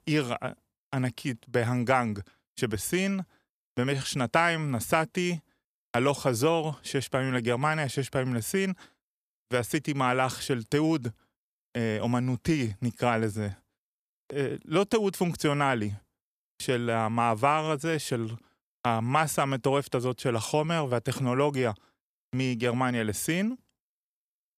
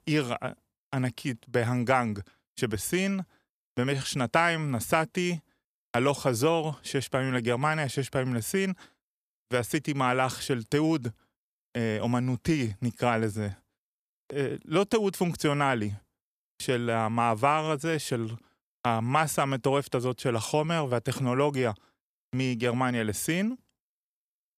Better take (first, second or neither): neither